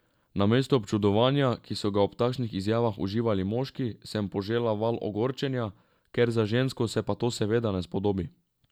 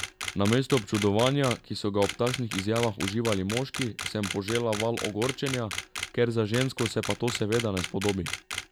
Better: first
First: none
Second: background sound (Camera); 8 dB below the speech

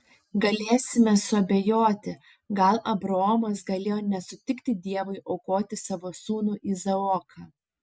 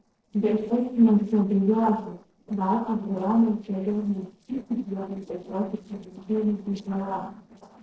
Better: first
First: none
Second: noise reduction (neural separator model SepFormer DNS4)

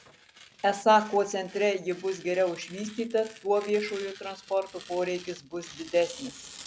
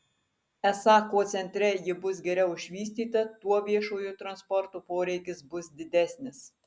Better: second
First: background sound (Tearing); 19 dB below the speech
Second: none

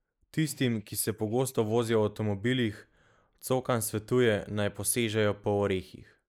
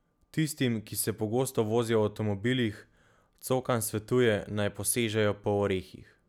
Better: second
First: noise reduction (neural mask model Resemble Enhance denoiser)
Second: none

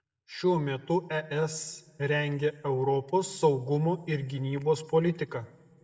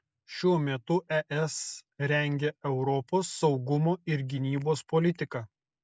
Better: second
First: room echo; dies away in 0.6 s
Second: none

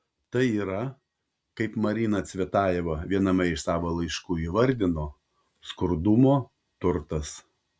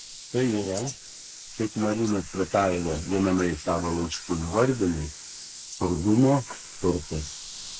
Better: first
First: none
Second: noise reduction (neural mask model Resemble Enhance denoiser)

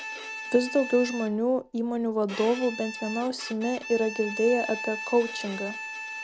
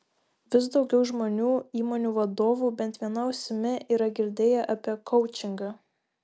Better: second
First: background sound (Bowed string instrument); 10 dB below the speech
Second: none

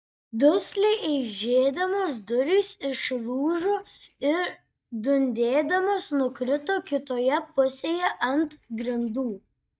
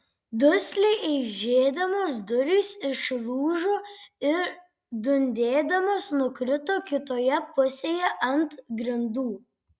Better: second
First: noise reduction (neural mask model DeepFilterNet 3)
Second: none

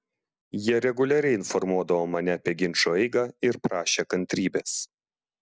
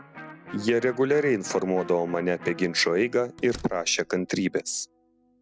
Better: first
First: none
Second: background sound (Slam + Electric guitar); 19 dB below the speech

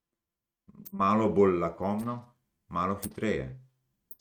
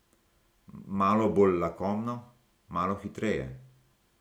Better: second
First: noise reduction (neural mask model RNNoise)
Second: none

